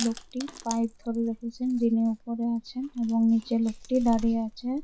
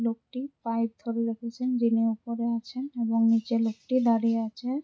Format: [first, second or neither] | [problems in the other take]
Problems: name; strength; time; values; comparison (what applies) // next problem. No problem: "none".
second | background sound (Chewing, mastication); 15 dB below the speech